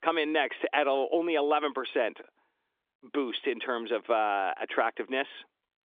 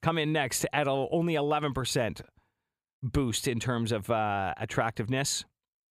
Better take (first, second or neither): second